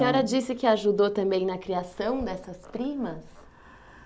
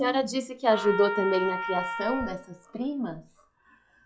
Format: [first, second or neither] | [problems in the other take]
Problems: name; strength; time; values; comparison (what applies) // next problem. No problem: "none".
first | noise reduction (classical method log-MMSE)